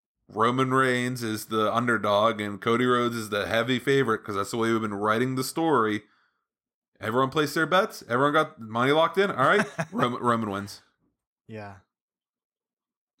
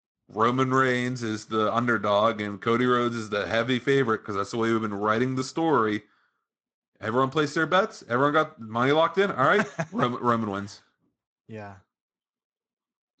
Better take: first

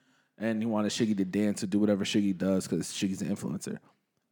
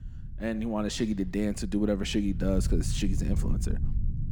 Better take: first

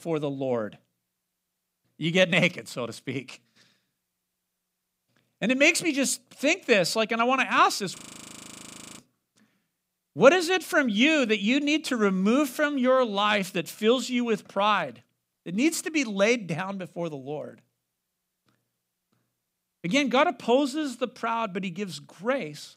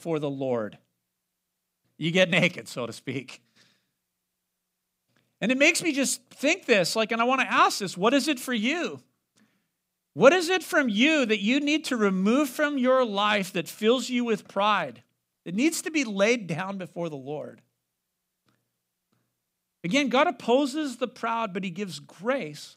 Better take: second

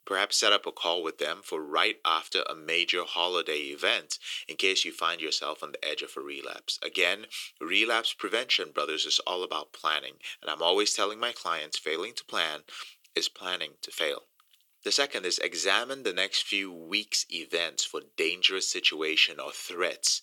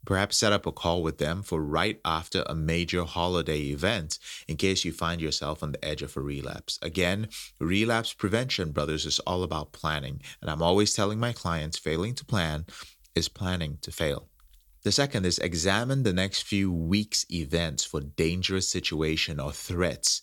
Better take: second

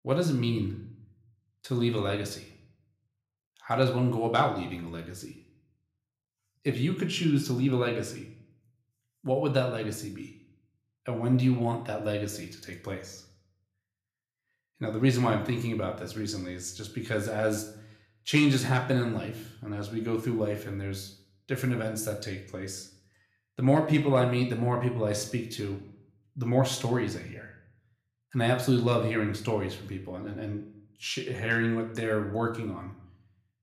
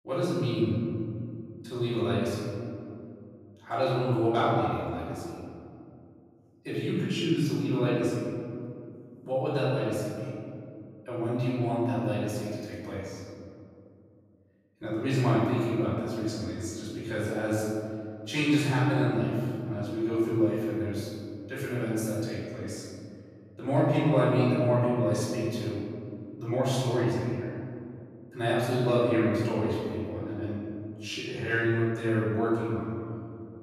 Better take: first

